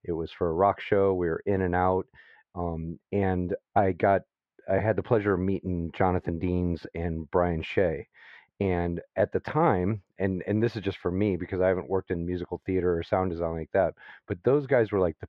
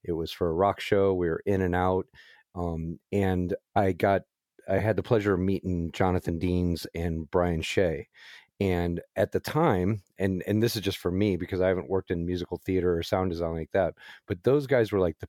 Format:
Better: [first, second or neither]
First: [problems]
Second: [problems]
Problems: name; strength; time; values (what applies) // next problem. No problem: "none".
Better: second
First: muffled; very; fading above 2 kHz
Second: none